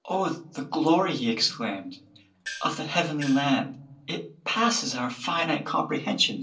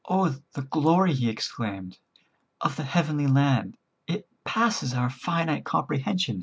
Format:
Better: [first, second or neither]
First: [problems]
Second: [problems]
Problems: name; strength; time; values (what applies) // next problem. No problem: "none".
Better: second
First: noise reduction (neural separator model SepFormer DNS4)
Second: none